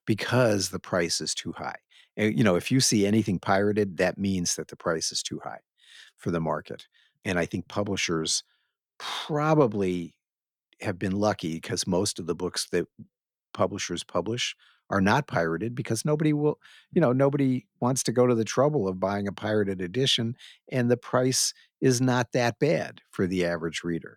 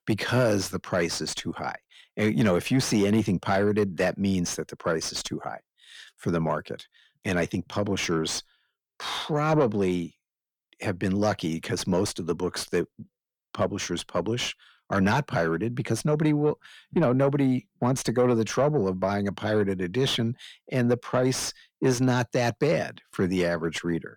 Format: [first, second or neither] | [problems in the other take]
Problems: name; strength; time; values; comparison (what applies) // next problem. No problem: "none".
first | distortion; slight; 10 dB below the speech